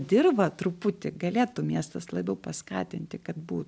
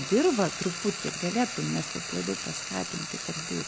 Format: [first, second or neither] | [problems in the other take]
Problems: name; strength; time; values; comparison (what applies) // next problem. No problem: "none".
first | background sound (Frying (food)); 6 dB below the speech